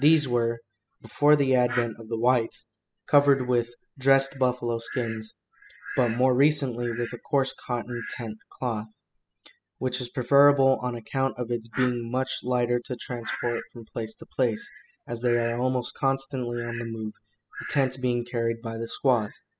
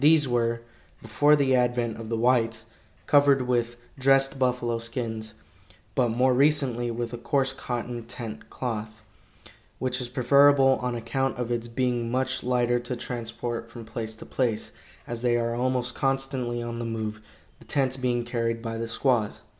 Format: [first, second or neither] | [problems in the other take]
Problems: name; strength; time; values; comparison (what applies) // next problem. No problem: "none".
second | noise reduction (classical method spectral subtraction)